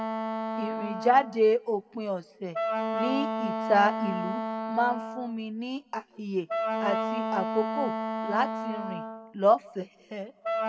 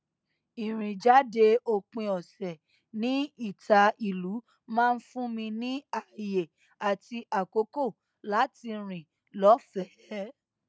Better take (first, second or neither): second